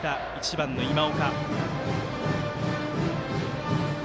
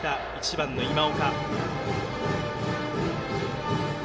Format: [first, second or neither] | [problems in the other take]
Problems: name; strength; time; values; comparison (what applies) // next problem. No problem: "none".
first | room echo; dies away in 0.5 s